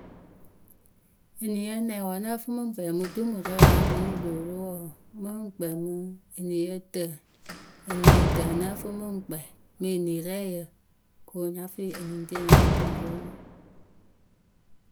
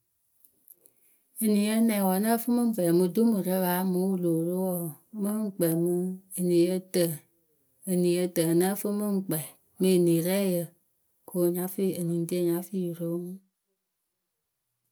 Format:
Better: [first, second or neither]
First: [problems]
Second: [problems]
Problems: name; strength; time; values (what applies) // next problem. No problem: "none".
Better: second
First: background sound (Slam); 5 dB above the speech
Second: none